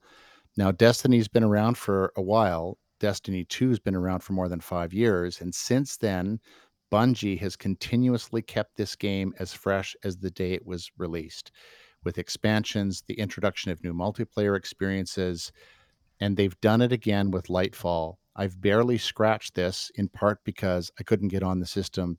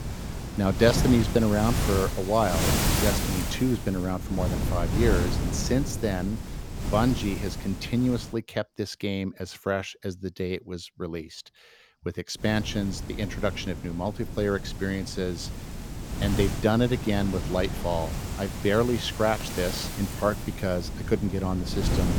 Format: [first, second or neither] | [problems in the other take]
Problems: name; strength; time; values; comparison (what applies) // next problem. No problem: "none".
first | wind noise on the microphone; heavy; until 8.5 s and from 12 s on; 6 dB below the speech